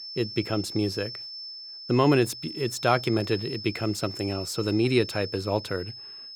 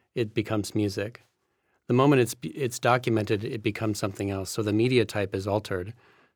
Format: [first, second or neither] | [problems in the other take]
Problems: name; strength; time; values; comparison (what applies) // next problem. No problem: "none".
second | high-pitched whine; loud; throughout; 5.5 kHz, 10 dB below the speech